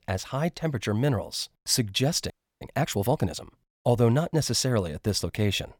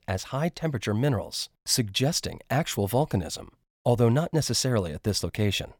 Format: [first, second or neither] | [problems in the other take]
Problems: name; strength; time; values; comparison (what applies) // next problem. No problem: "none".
second | audio freezing; at 2.5 s